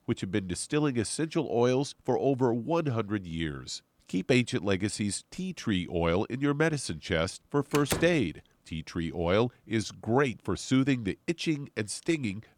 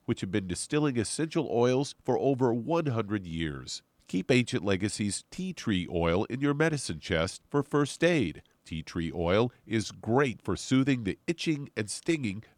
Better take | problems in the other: second | door banging; noticeable; at 7.5 s; peak 3 dB below the speech

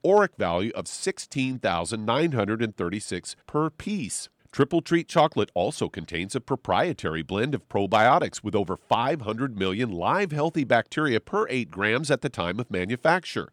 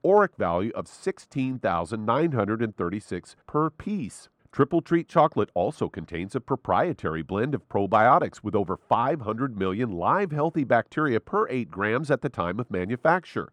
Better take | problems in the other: first | muffled; slightly; fading above 2 kHz

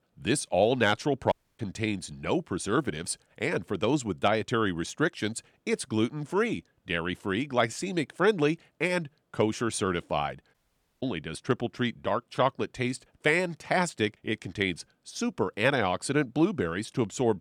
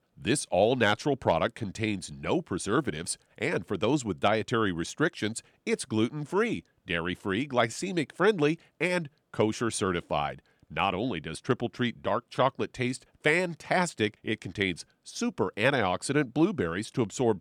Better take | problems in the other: second | audio cutting out; at 1.5 s and at 11 s

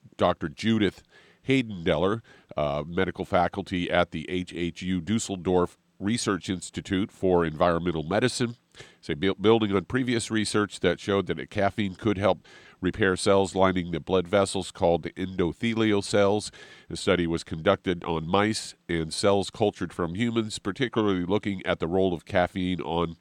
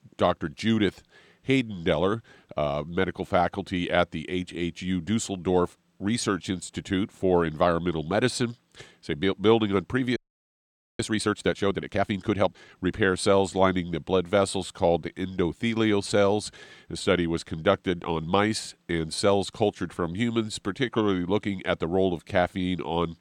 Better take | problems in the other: first | audio freezing; at 10 s for 1 s

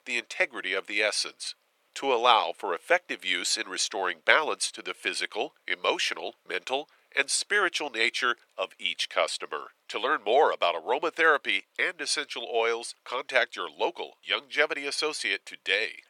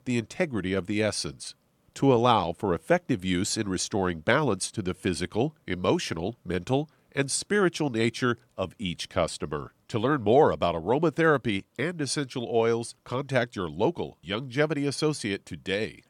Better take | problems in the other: second | thin; very; fading below 500 Hz

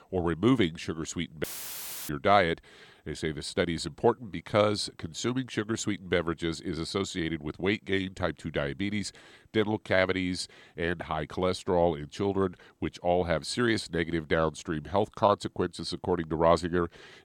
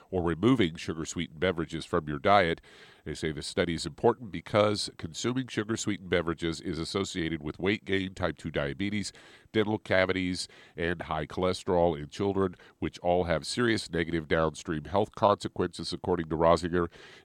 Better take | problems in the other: second | audio cutting out; filled with static; at 1.5 s for 0.5 s

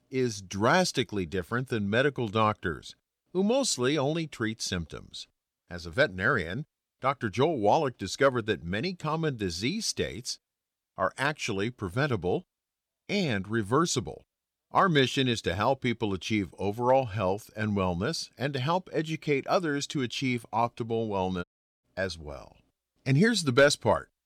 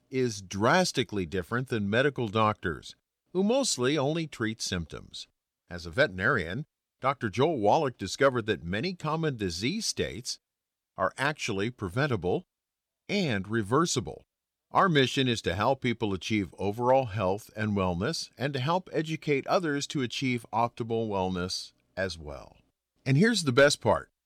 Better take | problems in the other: second | audio cutting out; at 21 s

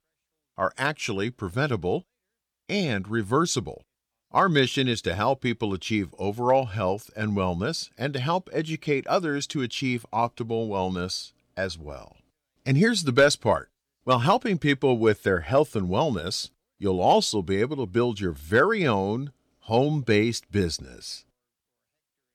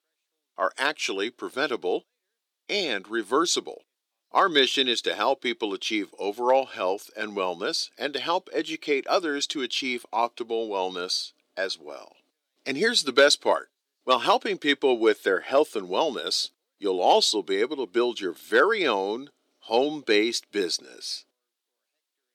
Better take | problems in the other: first | thin; somewhat; fading below 300 Hz

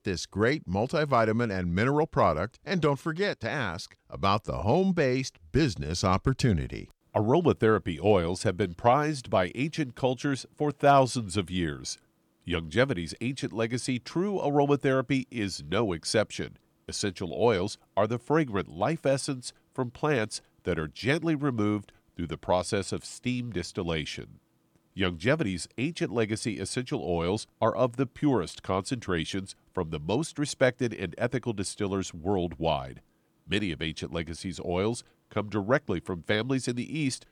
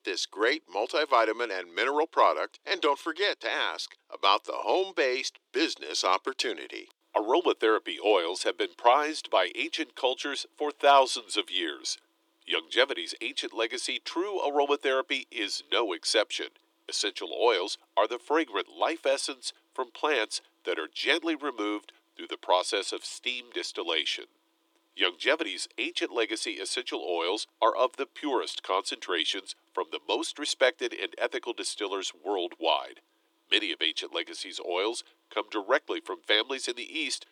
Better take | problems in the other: first | thin; very; fading below 300 Hz

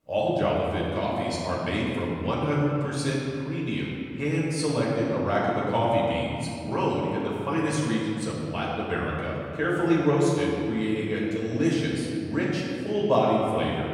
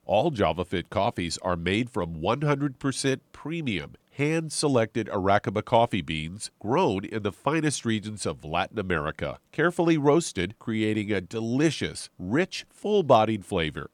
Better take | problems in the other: second | off-mic speech; far // room echo; strong; dies away in 2.4 s

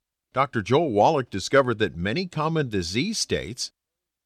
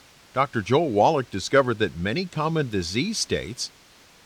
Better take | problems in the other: first | hiss; faint; throughout; 25 dB below the speech

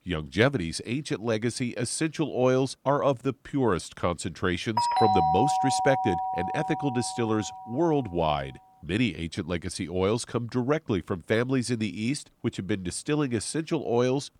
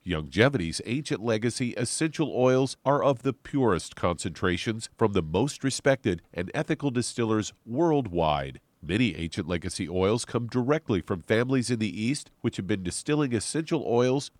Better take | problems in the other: second | doorbell; loud; from 5 to 7.5 s; peak 5 dB above the speech

